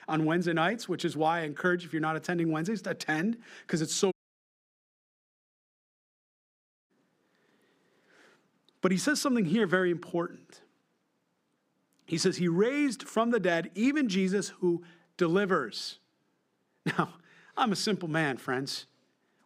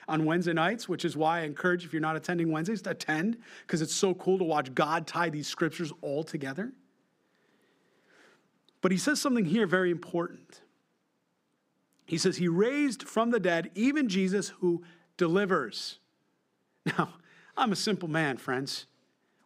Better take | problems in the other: second | audio cutting out; at 4 s for 3 s

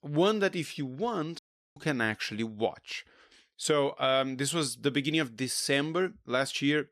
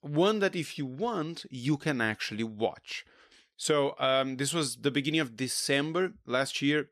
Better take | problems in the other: second | audio cutting out; at 1.5 s

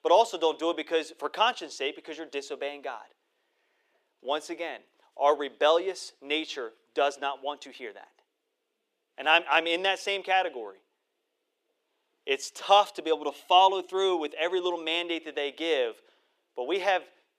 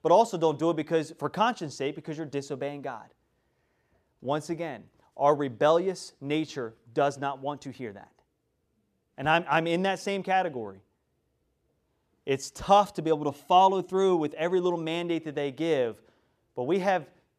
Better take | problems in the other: second | thin; somewhat; fading below 350 Hz

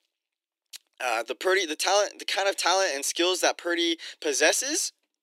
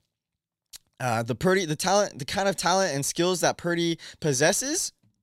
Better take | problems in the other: second | thin; very; fading below 300 Hz

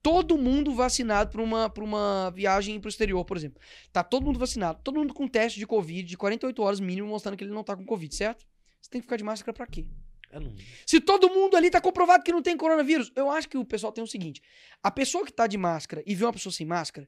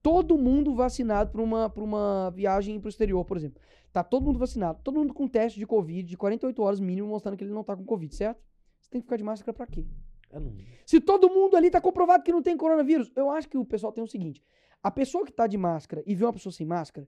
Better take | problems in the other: first | muffled; slightly; fading above 1 kHz

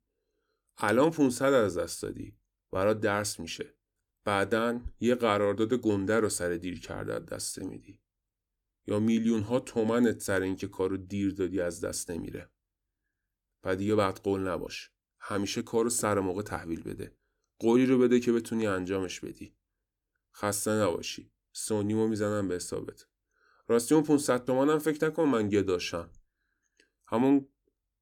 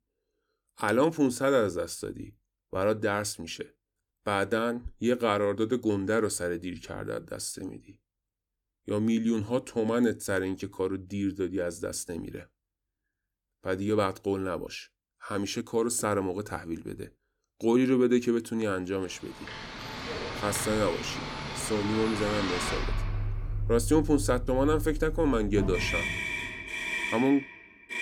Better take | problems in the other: first | traffic noise; loud; from 20 s on; 5 dB below the speech

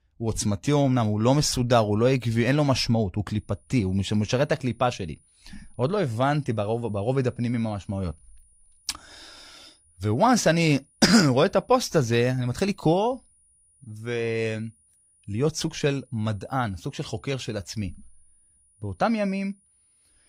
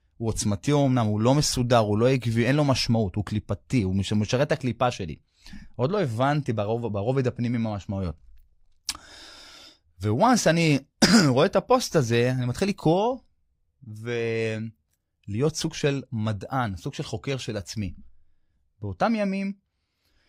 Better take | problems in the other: second | high-pitched whine; faint; from 3.5 s on; 9.5 kHz, 35 dB below the speech

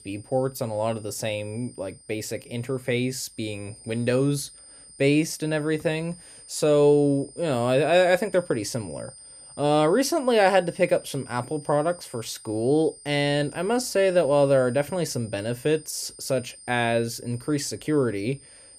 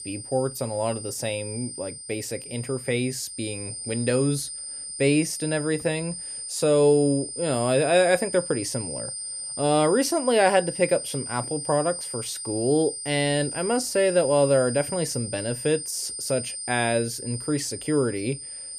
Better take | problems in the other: first | high-pitched whine; loud; throughout; 9 kHz, 8 dB below the speech; faint in the first

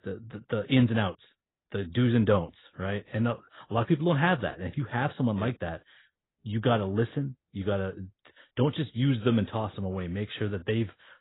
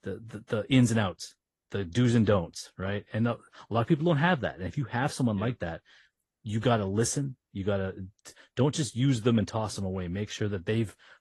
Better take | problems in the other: second | garbled, watery; badly; nothing above 4 kHz; slightly in the second

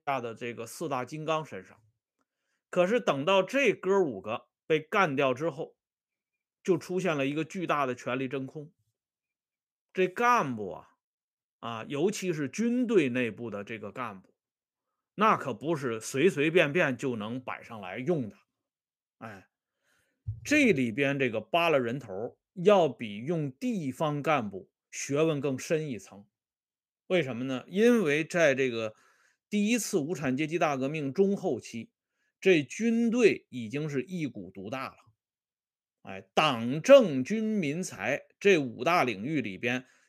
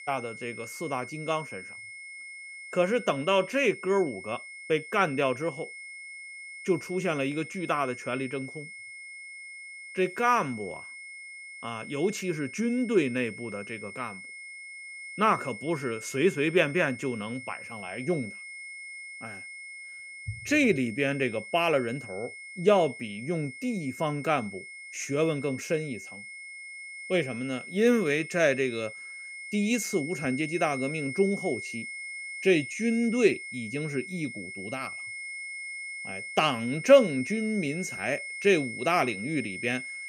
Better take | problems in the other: first | high-pitched whine; noticeable; throughout; 2 kHz, 10 dB below the speech

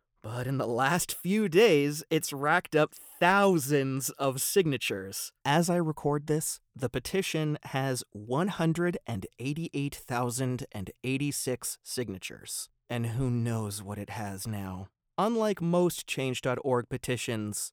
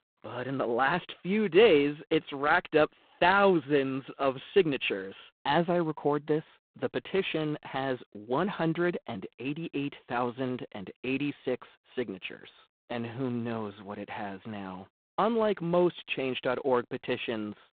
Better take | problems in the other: first | phone-call audio; poor line; nothing above 4 kHz

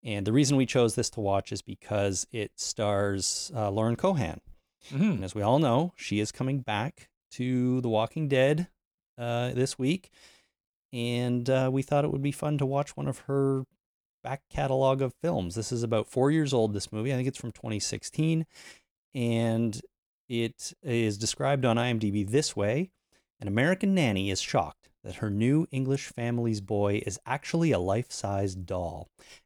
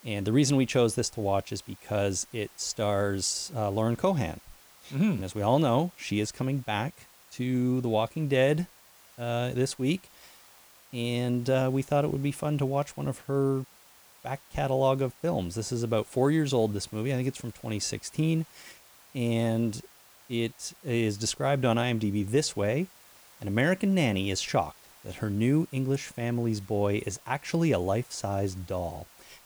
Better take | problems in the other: first | hiss; faint; throughout; 25 dB below the speech

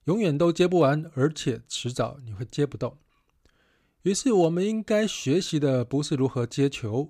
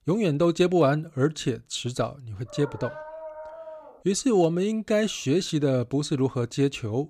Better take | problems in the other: first | dog barking; faint; from 2.5 to 4 s; peak 15 dB below the speech

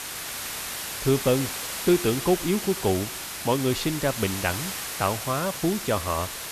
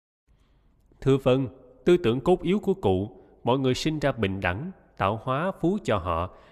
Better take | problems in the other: second | hiss; loud; throughout; 5 dB below the speech

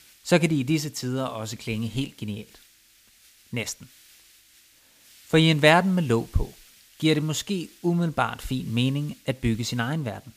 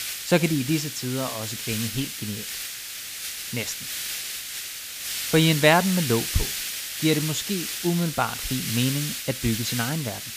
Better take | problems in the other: first | hiss; loud; throughout; 4 dB below the speech; faint in the first

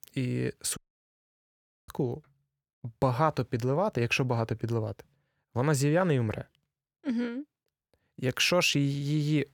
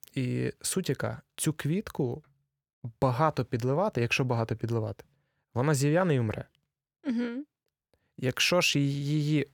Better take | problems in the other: second | audio cutting out; at 1 s for 1 s

